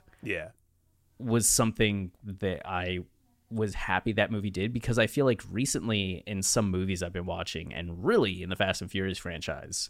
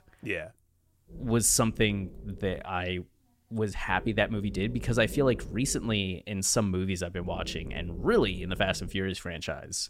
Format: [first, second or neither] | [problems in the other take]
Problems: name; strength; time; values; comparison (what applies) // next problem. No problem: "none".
first | low rumble; faint; from 1 to 2.5 s, from 4 to 6 s and from 7 to 9 s; 20 dB below the speech